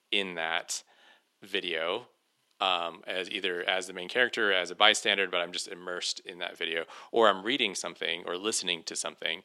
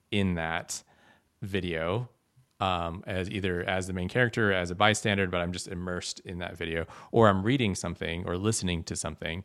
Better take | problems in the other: second | thin; somewhat; fading below 300 Hz

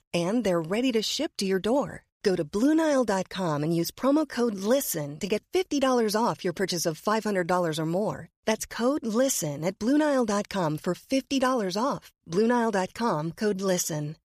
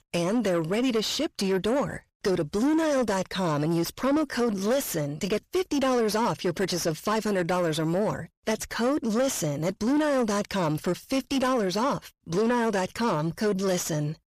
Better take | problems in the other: first | distortion; slight; 10 dB below the speech

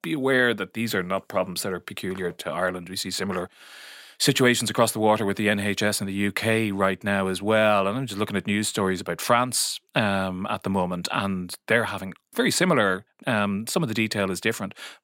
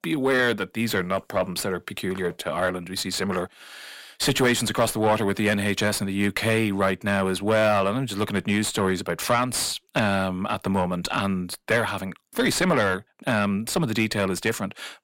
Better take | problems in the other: first | distortion; slight; 10 dB below the speech

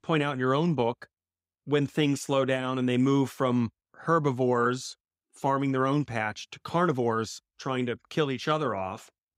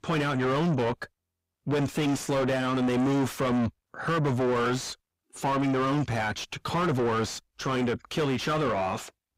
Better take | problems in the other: first | distortion; heavy; 6 dB below the speech

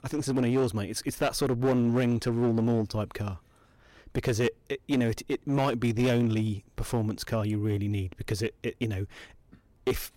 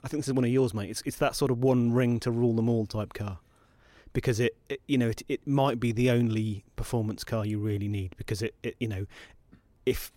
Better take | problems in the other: second | distortion; slight; 8% of the sound clipped

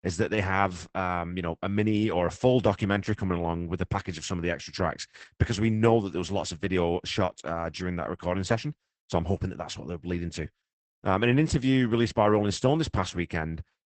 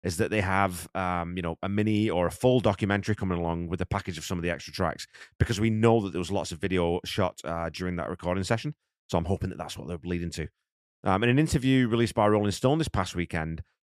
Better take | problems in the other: second | garbled, watery; badly; nothing above 8 kHz

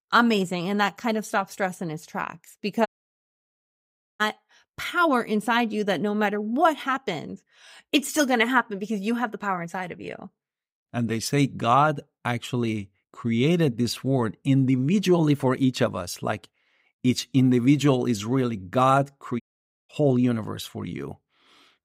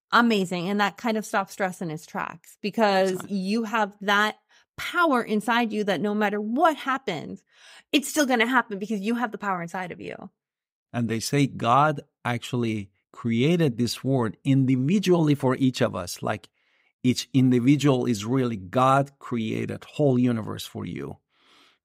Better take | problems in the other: second | audio cutting out; at 3 s for 1.5 s and at 19 s

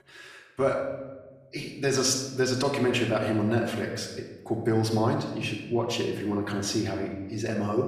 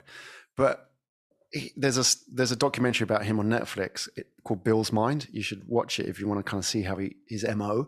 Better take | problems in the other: second | room echo; noticeable; dies away in 1 s // off-mic speech; far

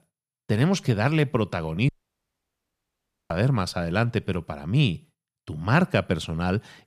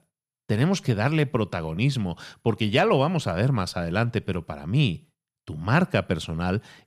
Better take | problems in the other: second | audio cutting out; at 2 s for 1.5 s

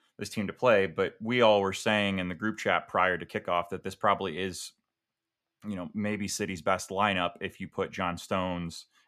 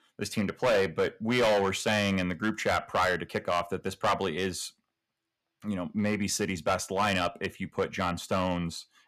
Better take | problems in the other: first | distortion; heavy; 6% of the sound clipped

